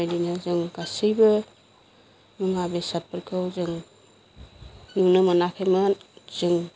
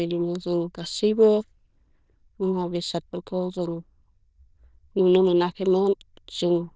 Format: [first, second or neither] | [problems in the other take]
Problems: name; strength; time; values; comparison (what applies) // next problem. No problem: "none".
first | noise reduction (neural diffusion model UNIVERSE++)